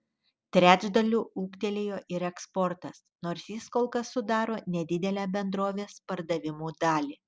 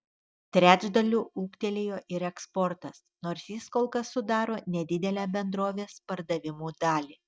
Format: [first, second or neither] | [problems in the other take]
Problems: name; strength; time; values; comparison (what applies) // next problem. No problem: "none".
first | noise reduction (neural mask model DeepFilterNet 3)